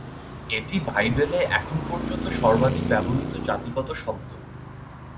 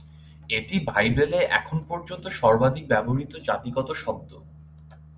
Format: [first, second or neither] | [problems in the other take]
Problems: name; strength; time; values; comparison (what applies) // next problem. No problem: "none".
second | background sound (Traffic noise, roadway noise); 5 dB below the speech